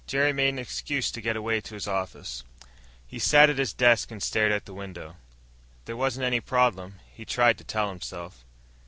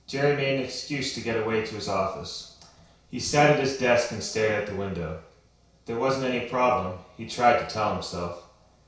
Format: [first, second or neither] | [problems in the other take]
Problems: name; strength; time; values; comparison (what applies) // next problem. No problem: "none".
first | room echo; dies away in 0.6 s